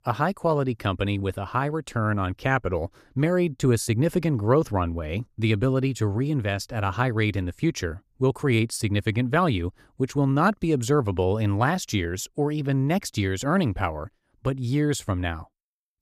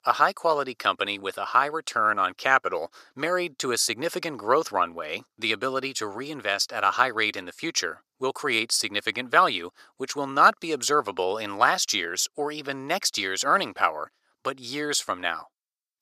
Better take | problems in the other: first | thin; very; fading below 600 Hz

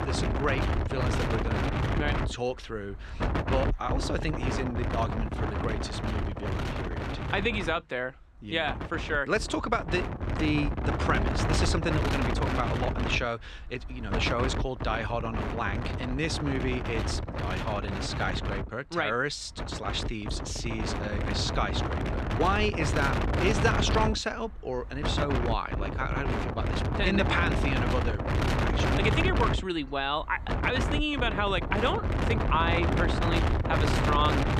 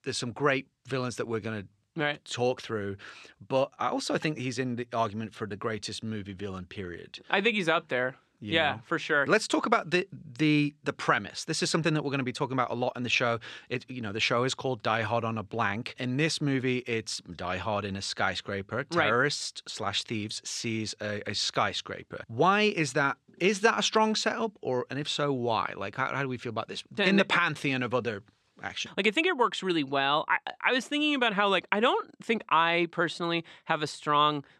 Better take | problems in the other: second | wind noise on the microphone; heavy; 3 dB below the speech

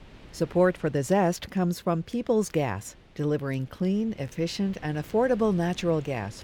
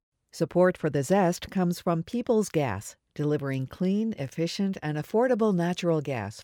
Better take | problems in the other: second | wind noise on the microphone; occasional gusts; 25 dB below the speech

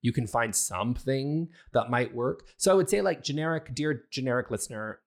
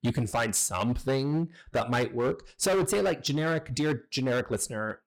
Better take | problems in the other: first | distortion; heavy; 14% of the sound clipped

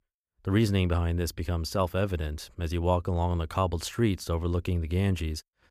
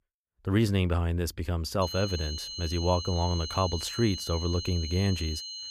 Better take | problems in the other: first | high-pitched whine; loud; from 2 s on; 4 kHz, 7 dB below the speech

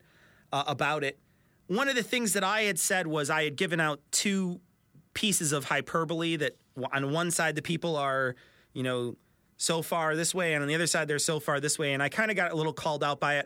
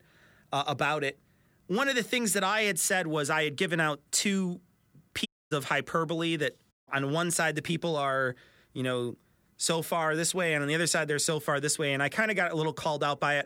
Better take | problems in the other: first | audio cutting out; at 5.5 s and at 6.5 s

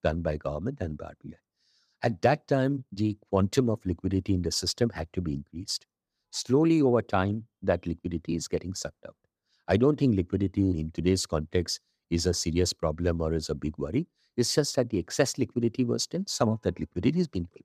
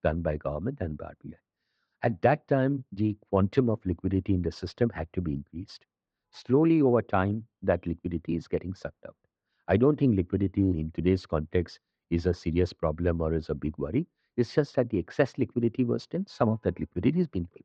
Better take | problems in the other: first | muffled; very; fading above 2.5 kHz

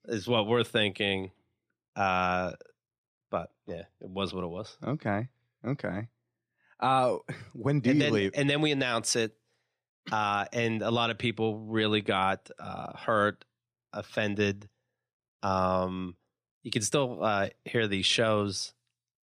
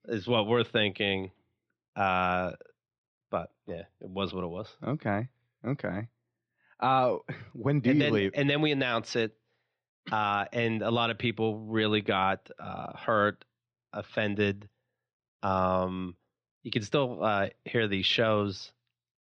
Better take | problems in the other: first | muffled; slightly; fading above 4 kHz

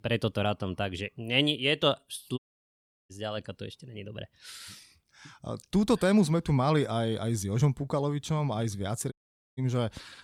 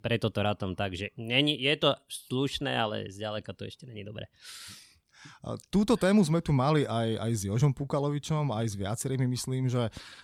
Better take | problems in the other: second | audio cutting out; at 2.5 s for 0.5 s and at 9 s

